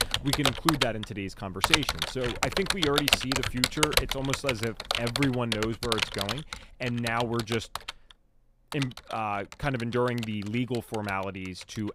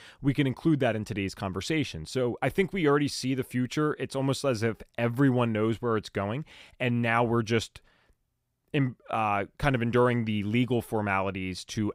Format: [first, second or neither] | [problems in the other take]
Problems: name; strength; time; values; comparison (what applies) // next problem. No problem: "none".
second | household noises; very loud; throughout; 3 dB above the speech